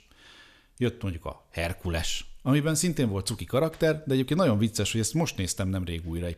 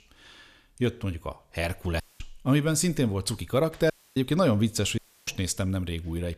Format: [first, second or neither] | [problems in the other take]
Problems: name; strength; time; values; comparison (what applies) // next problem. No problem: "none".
first | audio cutting out; at 2 s, at 4 s and at 5 s